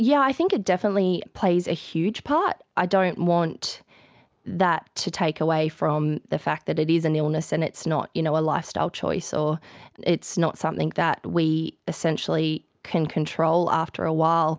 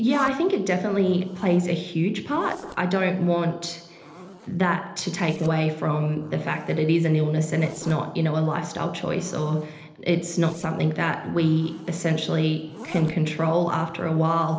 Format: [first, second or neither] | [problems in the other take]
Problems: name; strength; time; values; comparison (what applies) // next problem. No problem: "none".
first | noise reduction (neural separator model SepFormer DNS4)